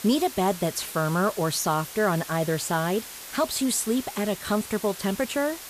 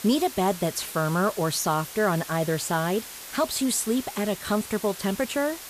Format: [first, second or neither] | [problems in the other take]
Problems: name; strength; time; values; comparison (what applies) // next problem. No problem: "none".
neither | hiss; noticeable; throughout; 10 dB below the speech; the same in both